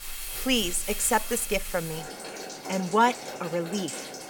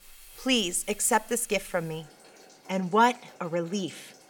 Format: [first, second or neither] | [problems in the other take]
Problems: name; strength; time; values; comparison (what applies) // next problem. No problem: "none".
second | household noises; loud; throughout; 8 dB below the speech; faint in the second